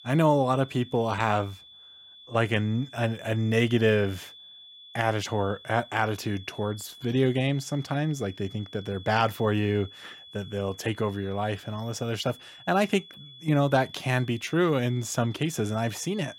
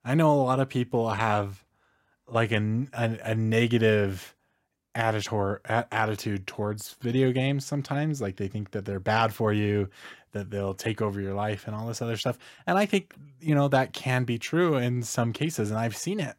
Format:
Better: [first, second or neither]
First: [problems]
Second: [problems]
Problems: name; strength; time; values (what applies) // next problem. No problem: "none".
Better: second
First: high-pitched whine; noticeable; throughout; 3.5 kHz, 20 dB below the speech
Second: none